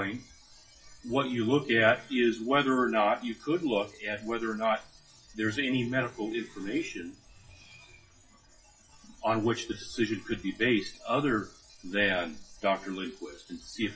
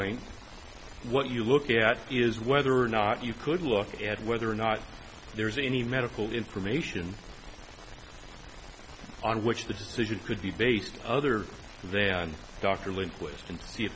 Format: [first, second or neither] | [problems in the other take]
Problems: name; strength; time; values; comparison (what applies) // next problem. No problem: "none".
second | noise reduction (classical method WPE with log-MMSE)